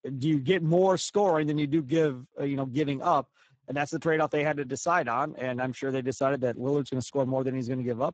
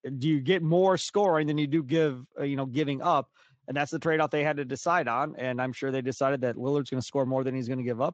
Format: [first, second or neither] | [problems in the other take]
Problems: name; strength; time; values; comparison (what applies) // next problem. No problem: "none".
second | garbled, watery; badly; nothing above 7.5 kHz; slightly in the second